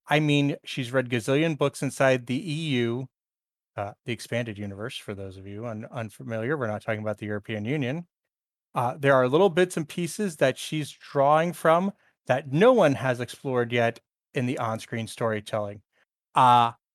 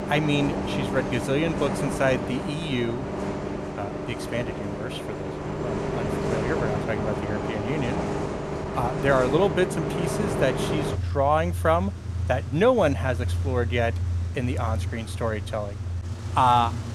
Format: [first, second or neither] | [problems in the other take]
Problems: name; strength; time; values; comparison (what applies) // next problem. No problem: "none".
first | traffic noise; loud; throughout; 3 dB below the speech